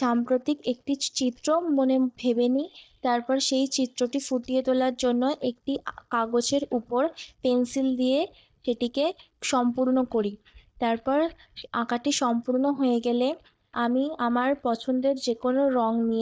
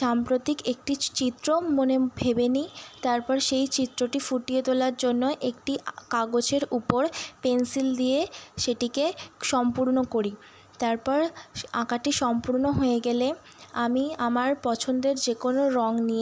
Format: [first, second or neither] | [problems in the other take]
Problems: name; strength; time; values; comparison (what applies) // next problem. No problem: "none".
second | noise reduction (neural mask model DeepFilterNet 3)